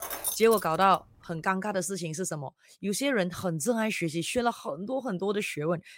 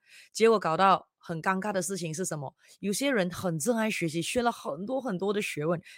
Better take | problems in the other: second | jangling keys; noticeable; at the start; peak 3 dB below the speech

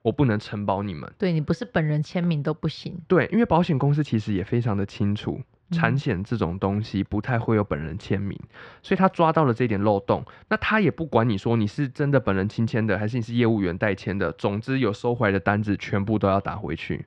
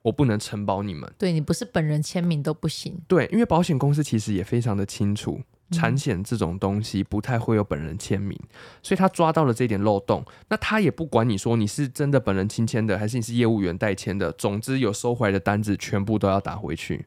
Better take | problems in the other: second | muffled; slightly; fading above 4 kHz

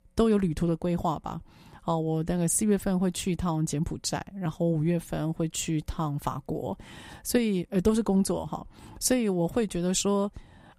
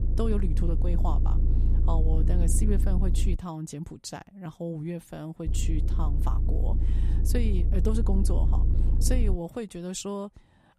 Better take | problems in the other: first | low rumble; loud; until 3.5 s and from 5.5 to 9.5 s; 7 dB below the speech

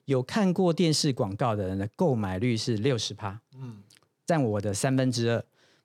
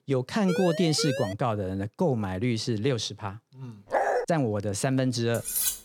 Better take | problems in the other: first | siren; noticeable; at 0.5 s; peak 5 dB below the speech // dog barking; loud; at 4 s; peak 1 dB above the speech // clattering dishes; loud; at 5.5 s; peak 1 dB above the speech

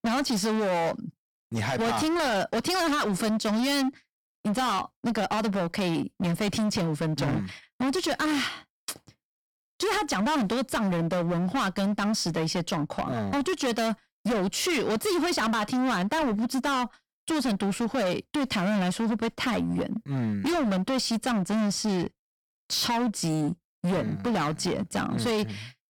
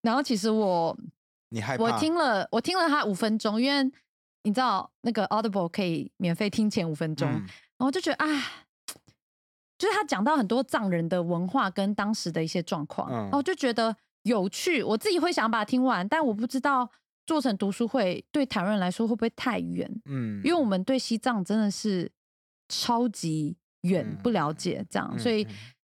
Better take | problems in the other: second | distortion; heavy; 29% of the sound clipped

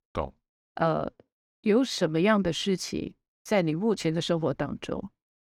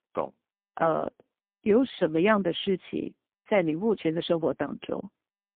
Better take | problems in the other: first | phone-call audio; poor line

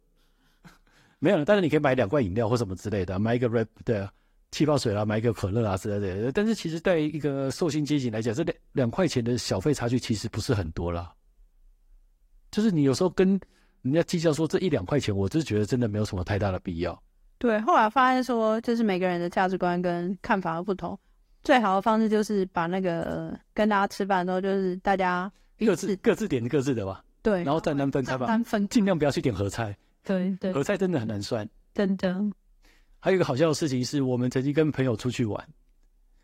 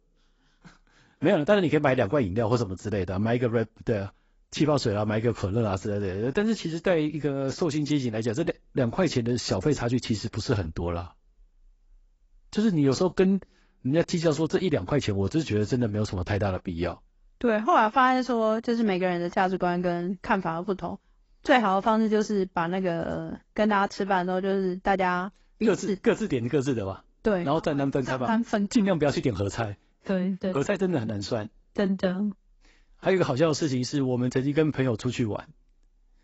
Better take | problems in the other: first | garbled, watery; badly; nothing above 7.5 kHz; slightly in the first

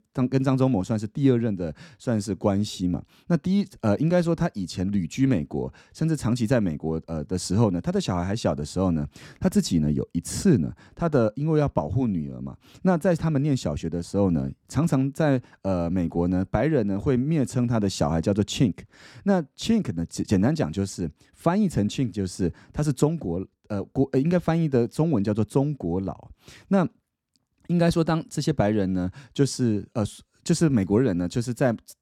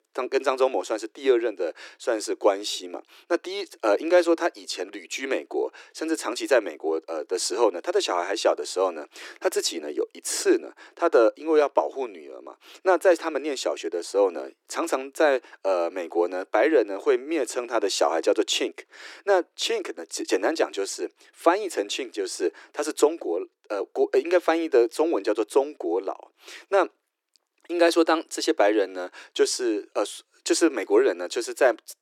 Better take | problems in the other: first | thin; very; fading below 350 Hz

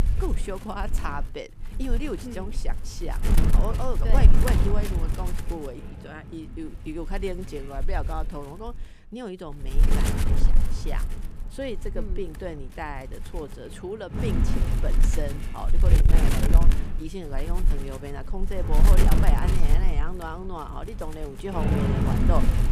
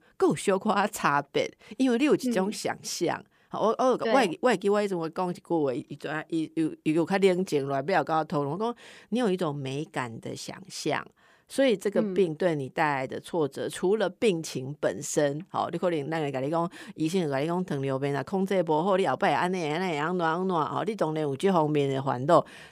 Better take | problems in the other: second | wind noise on the microphone; heavy; 1 dB below the speech

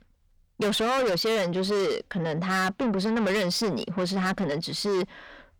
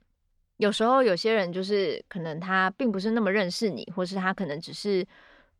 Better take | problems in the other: second | distortion; heavy; 6 dB below the speech

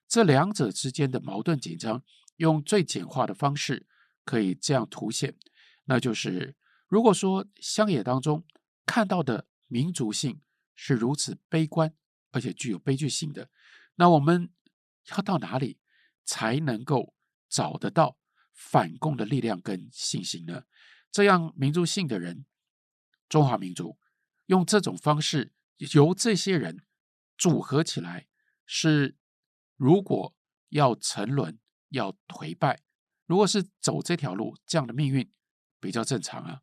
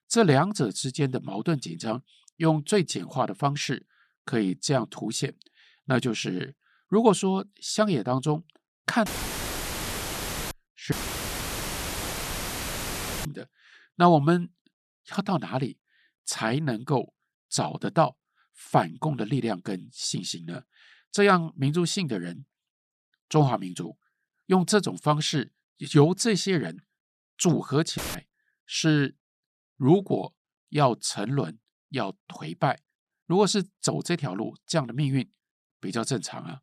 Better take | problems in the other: first | audio cutting out; filled with static; at 9 s for 1.5 s, at 11 s for 2.5 s and at 28 s

